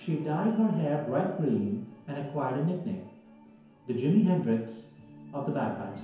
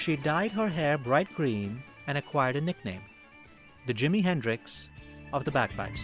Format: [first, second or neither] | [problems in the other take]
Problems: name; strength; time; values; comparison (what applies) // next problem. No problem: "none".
second | room echo; dies away in 0.9 s